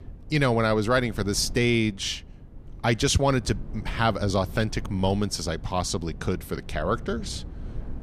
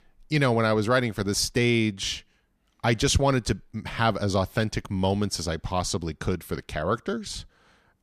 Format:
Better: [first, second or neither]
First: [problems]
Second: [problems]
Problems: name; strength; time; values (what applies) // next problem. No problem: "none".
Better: second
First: wind noise on the microphone; occasional gusts; 25 dB below the speech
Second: none